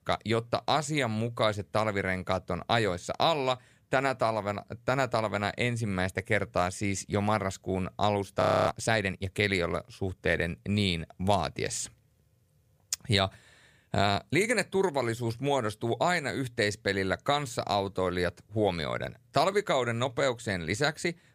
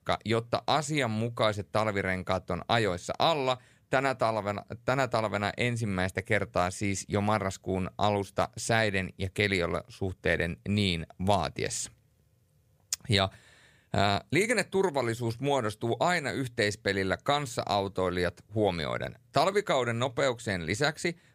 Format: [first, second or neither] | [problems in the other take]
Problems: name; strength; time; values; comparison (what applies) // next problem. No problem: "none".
second | audio freezing; at 8.5 s